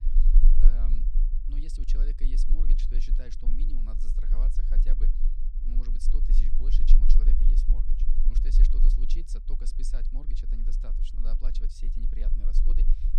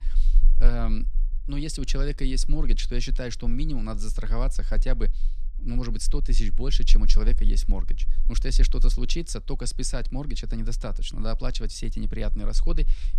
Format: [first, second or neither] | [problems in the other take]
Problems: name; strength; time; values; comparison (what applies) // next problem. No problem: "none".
second | low rumble; loud; throughout; 4 dB below the speech; faint in the second